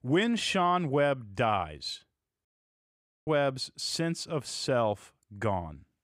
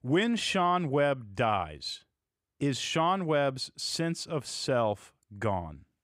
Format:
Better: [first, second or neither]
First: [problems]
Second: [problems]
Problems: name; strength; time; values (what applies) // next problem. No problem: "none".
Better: second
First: audio cutting out; at 2.5 s for 1 s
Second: none